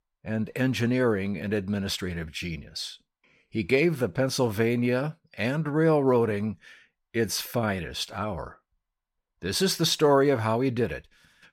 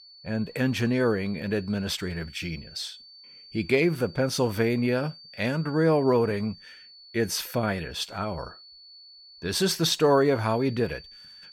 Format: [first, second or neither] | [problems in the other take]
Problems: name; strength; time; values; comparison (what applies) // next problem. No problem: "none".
first | high-pitched whine; faint; throughout; 4.5 kHz, 20 dB below the speech